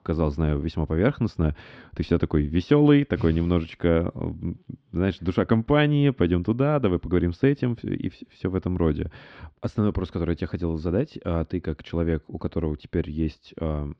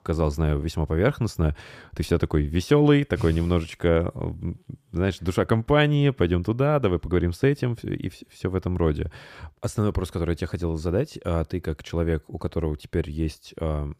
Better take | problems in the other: second | muffled; very slightly; fading above 4.5 kHz

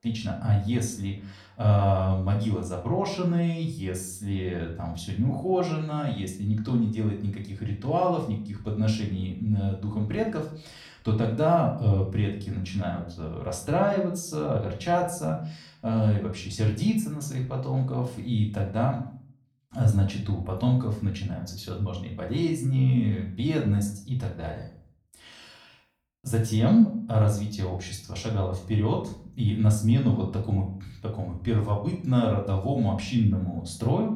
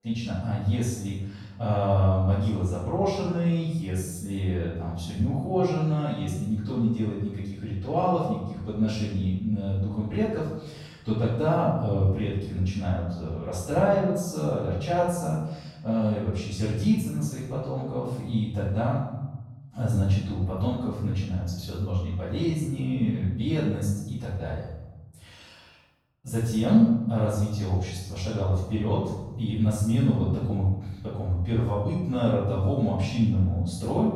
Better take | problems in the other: first | room echo; strong; dies away in 0.9 s; slight in the first // off-mic speech; far; far in the first

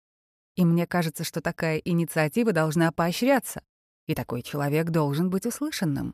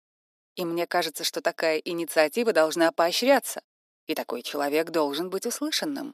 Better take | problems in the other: first | thin; somewhat; fading below 300 Hz

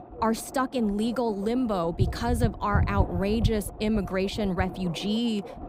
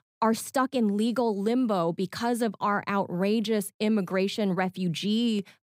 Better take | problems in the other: second | low rumble; noticeable; throughout; 10 dB below the speech

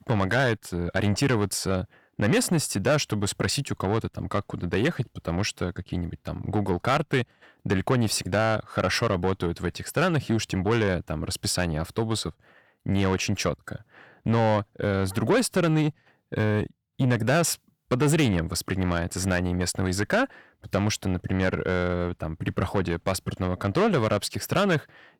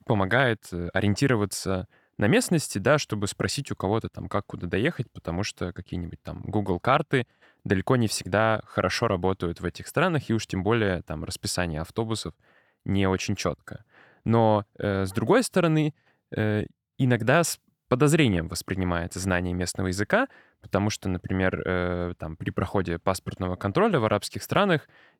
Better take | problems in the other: second | distortion; slight; 10 dB below the speech

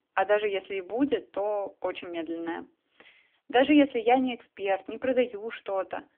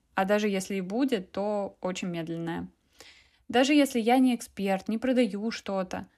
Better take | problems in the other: second | phone-call audio; poor line; nothing above 3 kHz

